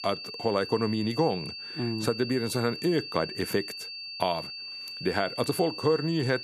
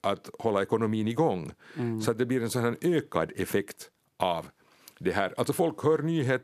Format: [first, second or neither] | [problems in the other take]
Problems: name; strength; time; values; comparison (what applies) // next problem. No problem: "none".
second | high-pitched whine; loud; throughout; 4.5 kHz, 8 dB below the speech